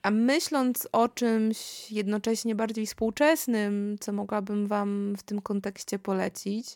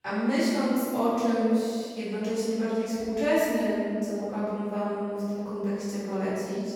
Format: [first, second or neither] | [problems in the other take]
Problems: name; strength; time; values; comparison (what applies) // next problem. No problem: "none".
first | off-mic speech; far // room echo; strong; dies away in 2.5 s